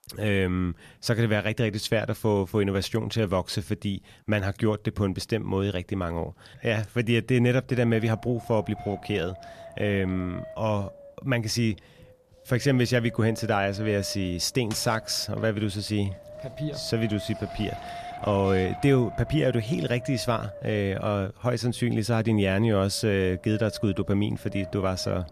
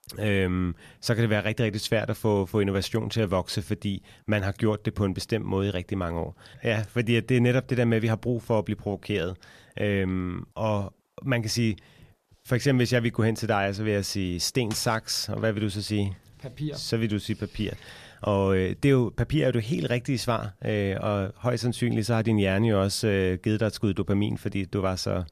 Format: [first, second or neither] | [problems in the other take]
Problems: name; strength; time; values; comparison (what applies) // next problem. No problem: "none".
second | wind noise on the microphone; occasional gusts; from 7.5 s on; 10 dB below the speech